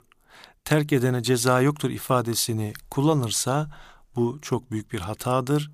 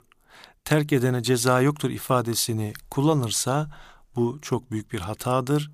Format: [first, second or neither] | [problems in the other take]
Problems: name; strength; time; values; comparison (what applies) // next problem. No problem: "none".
neither | none